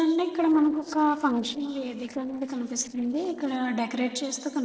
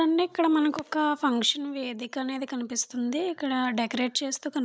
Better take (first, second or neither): second